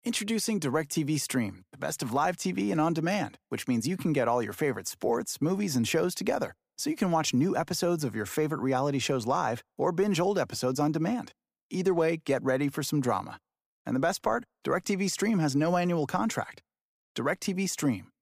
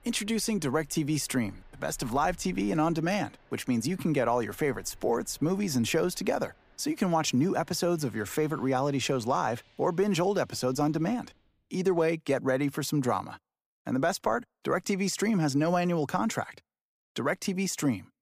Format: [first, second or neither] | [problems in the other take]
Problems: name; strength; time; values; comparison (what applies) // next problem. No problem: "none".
first | rain or running water; faint; until 11 s; 30 dB below the speech